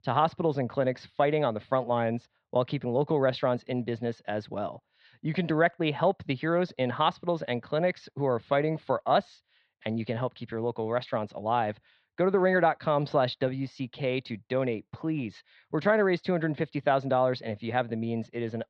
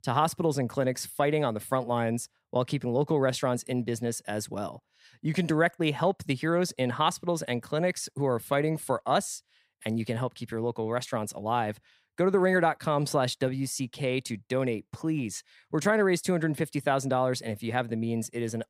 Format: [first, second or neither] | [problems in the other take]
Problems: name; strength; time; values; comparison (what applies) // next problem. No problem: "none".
second | muffled; slightly; fading above 4 kHz